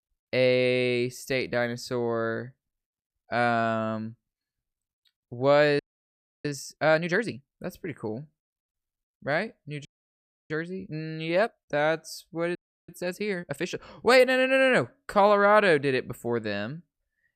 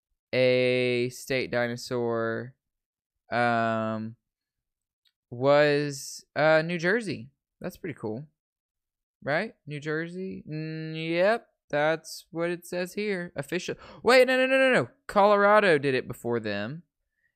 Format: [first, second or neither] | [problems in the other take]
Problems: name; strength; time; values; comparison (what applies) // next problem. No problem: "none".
second | audio freezing; at 6 s for 0.5 s, at 10 s for 0.5 s and at 13 s